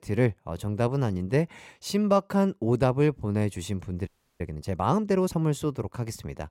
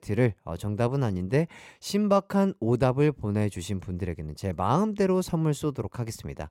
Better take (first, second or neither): second